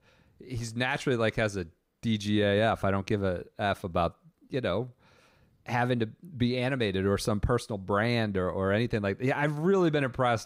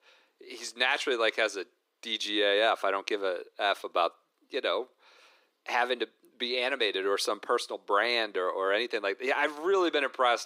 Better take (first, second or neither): first